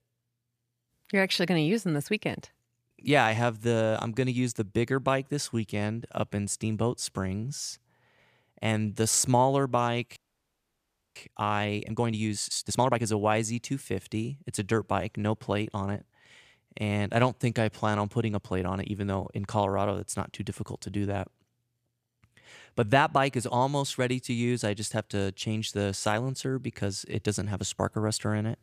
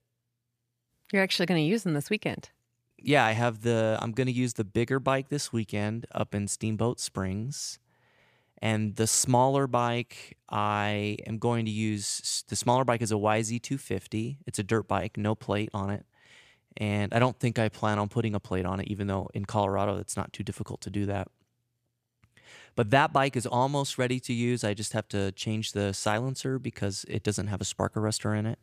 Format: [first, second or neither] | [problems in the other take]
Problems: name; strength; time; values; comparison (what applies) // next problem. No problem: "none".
second | audio freezing; at 10 s for 1 s